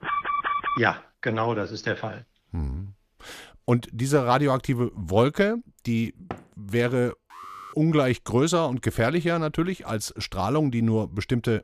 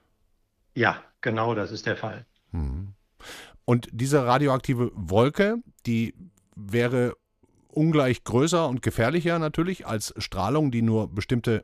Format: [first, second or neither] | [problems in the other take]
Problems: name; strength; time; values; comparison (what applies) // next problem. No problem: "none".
second | alarm; noticeable; at the start; peak 1 dB below the speech // door banging; faint; at 6.5 s; peak 15 dB below the speech // alarm; faint; at 7.5 s; peak 15 dB below the speech